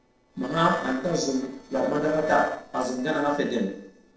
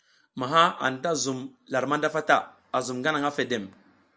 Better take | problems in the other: second | noise reduction (neural separator model SepFormer DNS4)

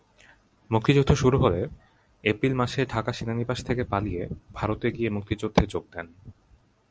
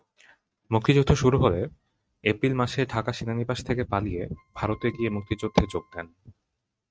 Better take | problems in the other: first | noise reduction (neural mask model RNNoise)

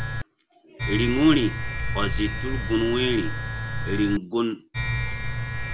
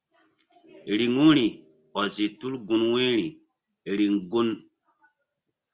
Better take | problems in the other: second | background sound (Domestic sounds, home sounds); 2 dB below the speech

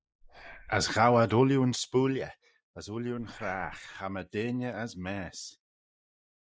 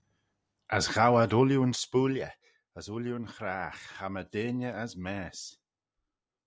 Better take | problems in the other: second | noise reduction (neural mask model Resemble Enhance denoiser)

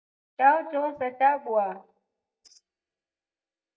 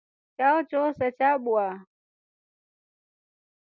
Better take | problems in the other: second | noise reduction (neural mask model DeepFilterNet 3)

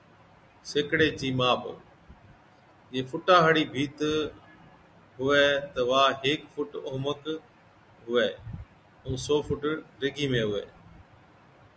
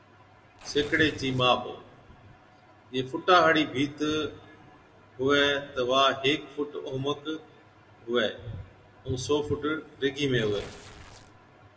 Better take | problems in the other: first | background sound (Tearing); 19 dB below the speech // room echo; dies away in 0.6 s

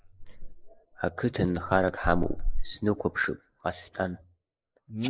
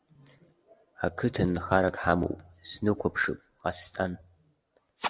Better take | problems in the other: second | noise reduction (neural mask model Resemble Enhance denoiser)

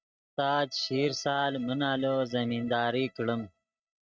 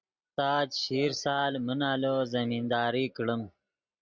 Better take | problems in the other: second | noise reduction (neural mask model RNNoise)

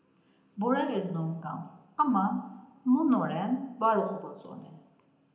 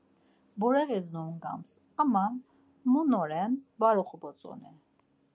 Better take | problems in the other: second | room echo; dies away in 0.8 s

